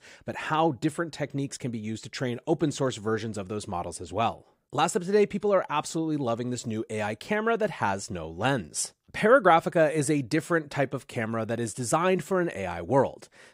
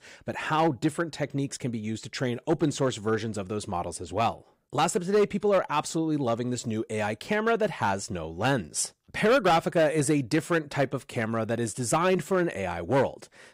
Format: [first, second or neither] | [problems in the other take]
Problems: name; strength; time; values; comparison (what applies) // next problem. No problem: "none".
first | distortion; slight; 3% of the sound clipped